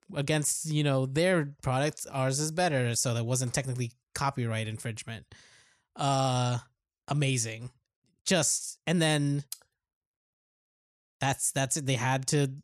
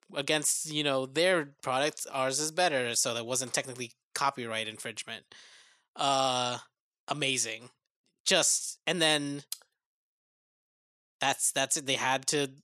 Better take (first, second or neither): first